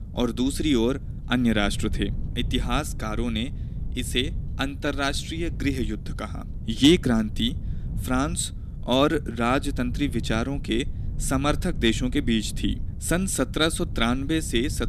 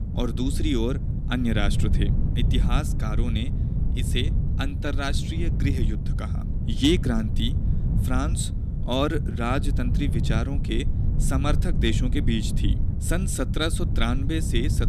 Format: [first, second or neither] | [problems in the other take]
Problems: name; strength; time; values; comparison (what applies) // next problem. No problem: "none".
first | low rumble; loud; throughout; 9 dB below the speech; faint in the first